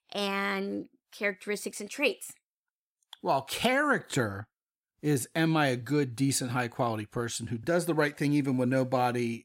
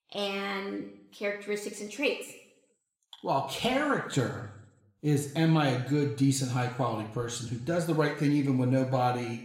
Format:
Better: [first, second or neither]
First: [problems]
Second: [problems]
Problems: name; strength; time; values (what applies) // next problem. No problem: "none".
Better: first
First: none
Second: room echo; slight; dies away in 0.7 s // off-mic speech; somewhat distant